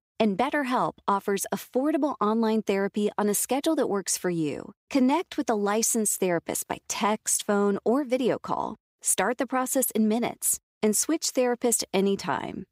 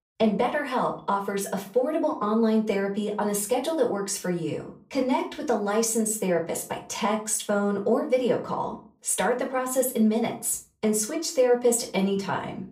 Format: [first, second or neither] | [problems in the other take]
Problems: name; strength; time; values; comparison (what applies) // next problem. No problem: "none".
first | off-mic speech; far // room echo; very slight; dies away in 0.3 s